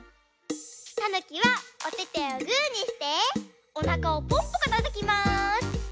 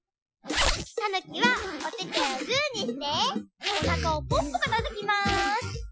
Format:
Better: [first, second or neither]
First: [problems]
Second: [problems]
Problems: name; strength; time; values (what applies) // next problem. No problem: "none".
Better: first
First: none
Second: noise reduction (classical method Wiener filter)